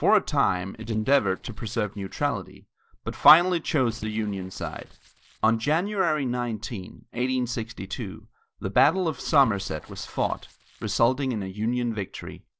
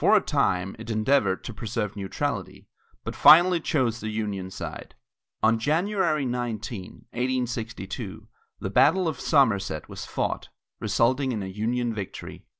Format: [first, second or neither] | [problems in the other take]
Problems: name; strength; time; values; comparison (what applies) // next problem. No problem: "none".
second | noise reduction (neural separator model SepFormer DNS4)